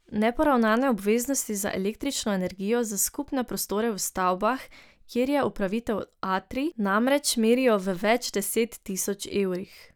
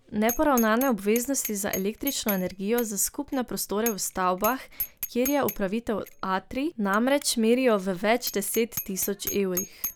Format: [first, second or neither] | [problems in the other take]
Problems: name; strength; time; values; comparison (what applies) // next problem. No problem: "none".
first | background sound (Bicycle bell); 12 dB below the speech